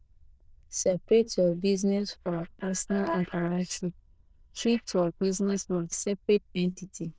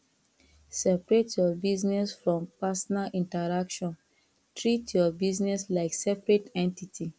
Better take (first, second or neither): second